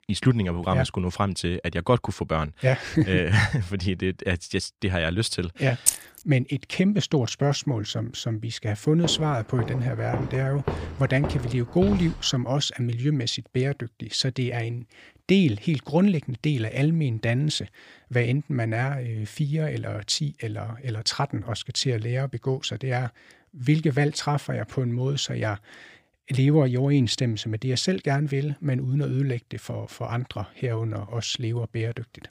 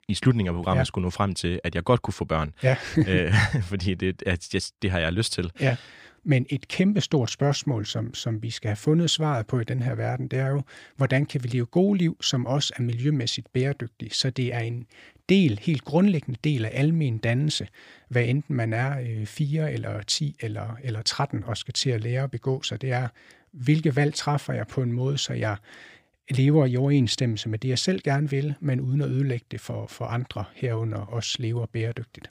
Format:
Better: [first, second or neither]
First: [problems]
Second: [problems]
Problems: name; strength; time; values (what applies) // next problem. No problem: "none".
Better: second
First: jangling keys; loud; at 6 s; peak 3 dB above the speech // footsteps; noticeable; from 9 to 12 s; peak 6 dB below the speech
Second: none